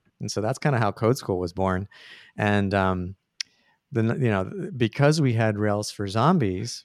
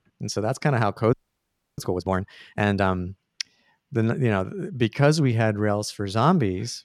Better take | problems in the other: first | audio freezing; at 1 s for 0.5 s

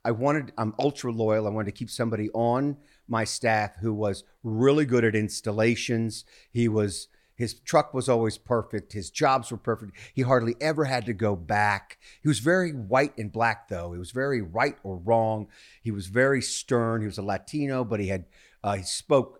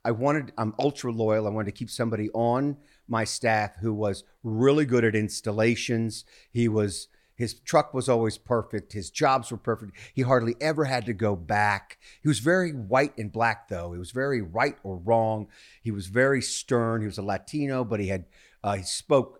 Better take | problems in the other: neither | none

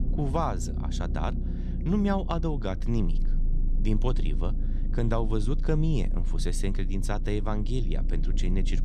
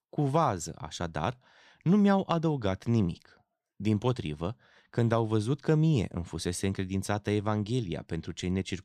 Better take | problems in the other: second | low rumble; noticeable; throughout; 10 dB below the speech

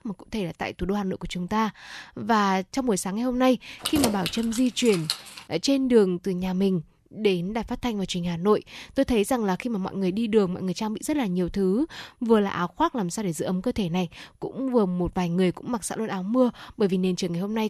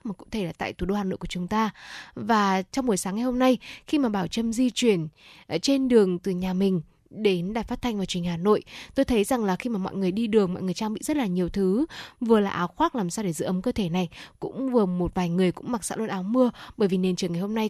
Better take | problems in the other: second | jangling keys; noticeable; from 4 to 5.5 s; peak 2 dB below the speech

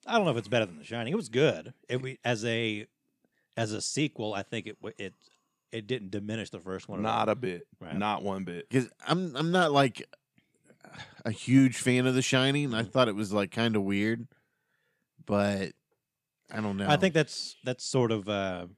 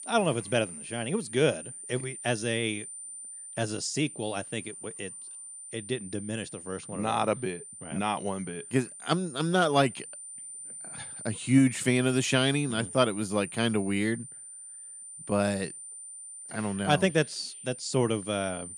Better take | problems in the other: first | high-pitched whine; noticeable; throughout; 9 kHz, 10 dB below the speech

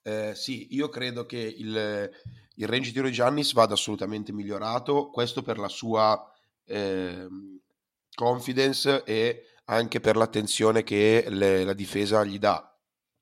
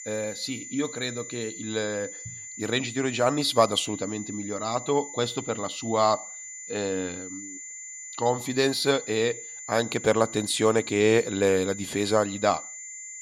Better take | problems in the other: first | high-pitched whine; noticeable; throughout; 7 kHz, 10 dB below the speech

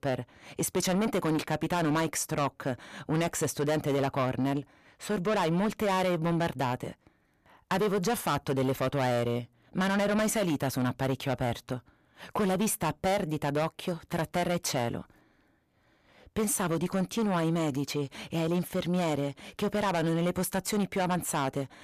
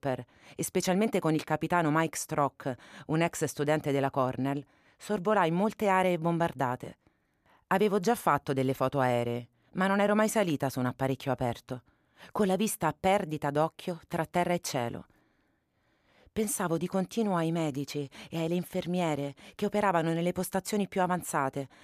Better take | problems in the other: second | distortion; heavy; 7 dB below the speech

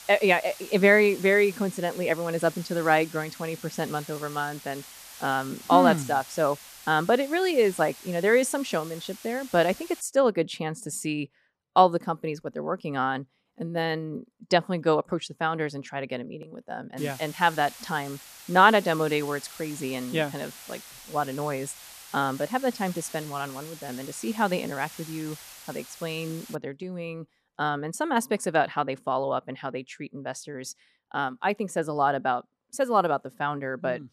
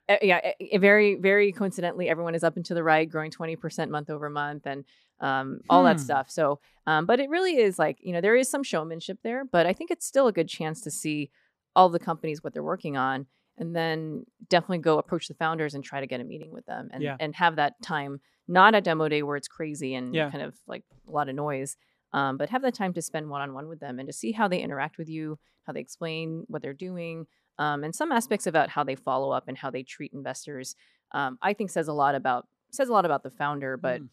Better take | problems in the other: second | hiss; noticeable; until 10 s and from 17 to 27 s; 15 dB below the speech

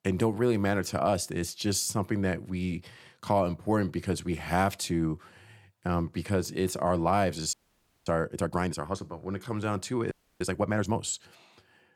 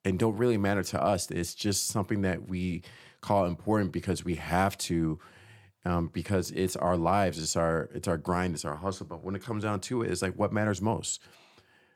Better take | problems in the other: second | audio freezing; at 7.5 s for 0.5 s and at 10 s

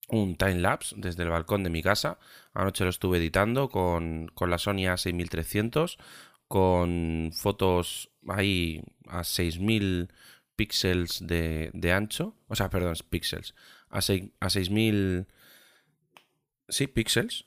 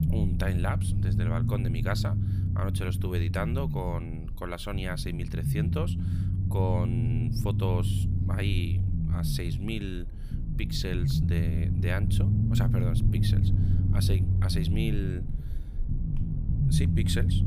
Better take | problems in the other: first | low rumble; loud; throughout; 3 dB below the speech

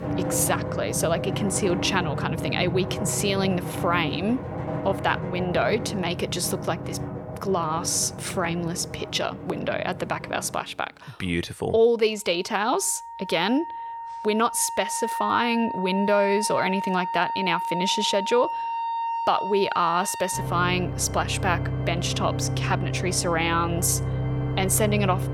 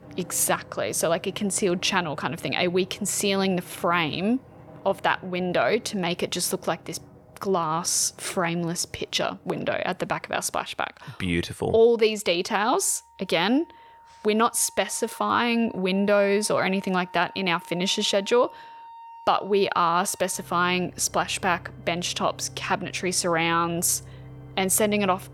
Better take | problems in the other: second | background music; loud; throughout; 5 dB below the speech; faint in the second

